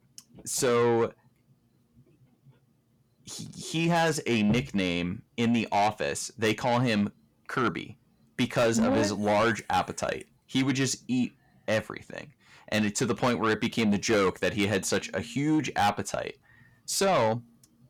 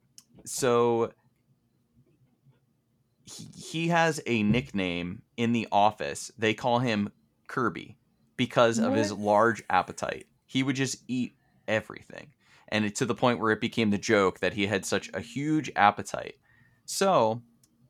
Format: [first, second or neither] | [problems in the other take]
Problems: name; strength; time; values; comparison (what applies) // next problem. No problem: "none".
second | distortion; heavy; 8 dB below the speech